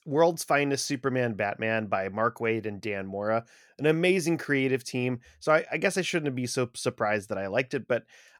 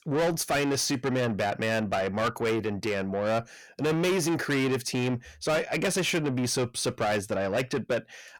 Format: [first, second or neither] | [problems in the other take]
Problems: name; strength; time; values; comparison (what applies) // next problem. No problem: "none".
first | distortion; heavy; 6 dB below the speech